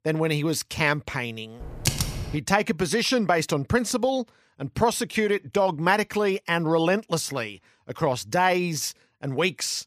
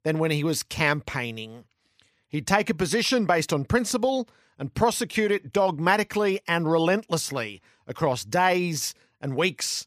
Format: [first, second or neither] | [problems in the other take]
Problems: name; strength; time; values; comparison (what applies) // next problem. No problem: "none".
second | keyboard typing; noticeable; at 1.5 s; peak 1 dB below the speech